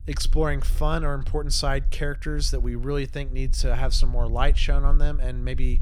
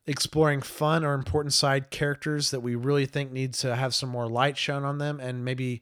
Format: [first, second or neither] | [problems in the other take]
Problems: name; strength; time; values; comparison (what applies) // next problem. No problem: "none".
second | low rumble; faint; throughout; 20 dB below the speech